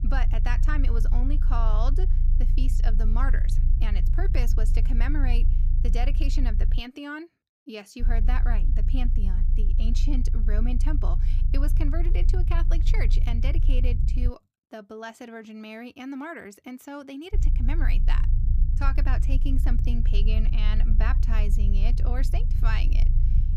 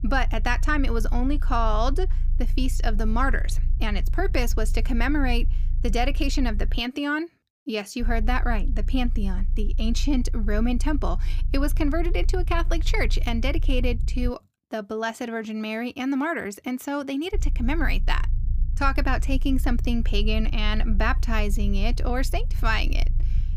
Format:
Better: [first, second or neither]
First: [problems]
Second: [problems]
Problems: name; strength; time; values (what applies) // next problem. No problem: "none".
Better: second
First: low rumble; loud; until 7 s, from 8 to 14 s and from 17 s on; 9 dB below the speech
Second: low rumble; faint; until 7 s, from 8 to 14 s and from 17 s on; 20 dB below the speech